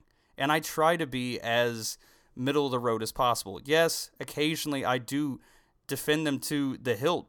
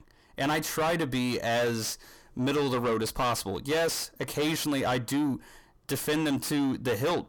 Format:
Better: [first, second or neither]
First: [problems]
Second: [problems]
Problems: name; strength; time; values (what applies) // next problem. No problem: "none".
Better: first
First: none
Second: distortion; heavy; 6 dB below the speech